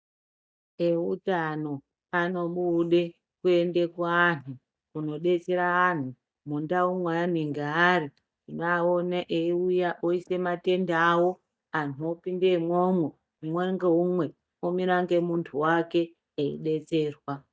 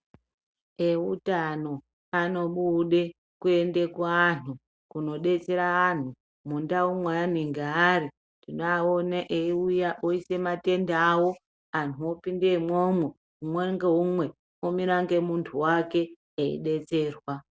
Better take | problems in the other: second | noise reduction (neural mask model DeepFilterNet 3)

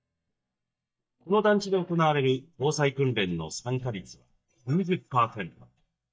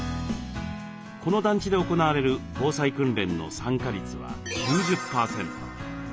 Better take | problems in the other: second | noise reduction (neural mask model DeepFilterNet 3)

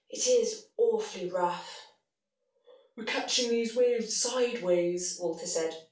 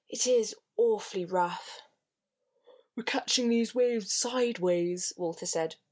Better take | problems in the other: second | room echo; dies away in 0.3 s

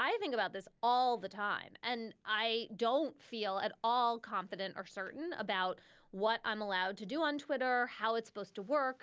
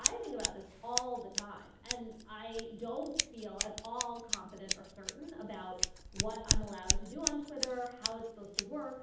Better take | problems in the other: first | background sound (Scissors); 4 dB above the speech // room echo; dies away in 0.8 s

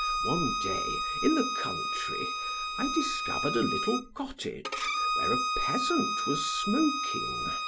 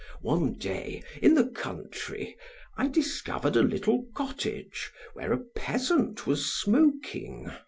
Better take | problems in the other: second | background sound (Bowed string instrument); 1 dB above the speech

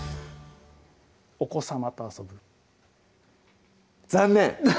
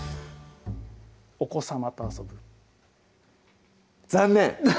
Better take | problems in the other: first | background sound (Bowed string instrument); 14 dB below the speech

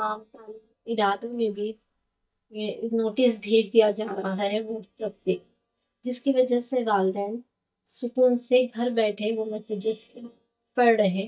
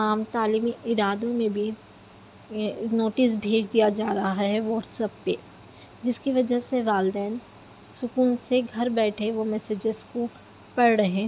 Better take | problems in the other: second | noise reduction (neural mask model DeepFilterNet 3)

